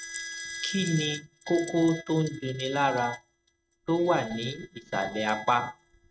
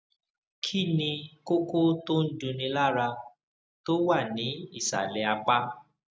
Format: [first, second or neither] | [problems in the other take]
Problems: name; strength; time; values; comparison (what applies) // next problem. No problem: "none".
second | noise reduction (neural mask model RNNoise)